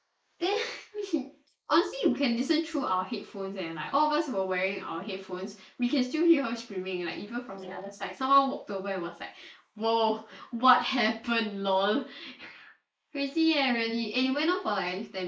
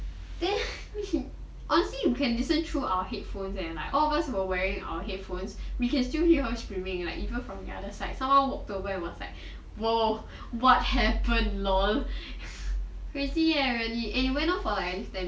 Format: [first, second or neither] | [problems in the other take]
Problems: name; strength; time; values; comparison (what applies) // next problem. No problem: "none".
second | noise reduction (neural mask model Resemble Enhance denoiser)